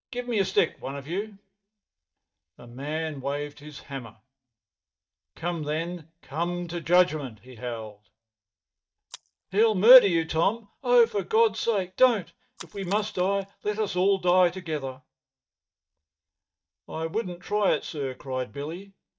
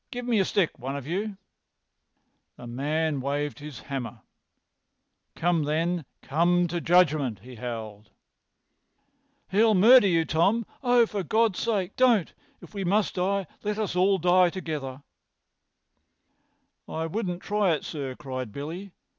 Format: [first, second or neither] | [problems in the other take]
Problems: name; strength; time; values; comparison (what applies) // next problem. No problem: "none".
second | noise reduction (neural mask model DeepFilterNet 3)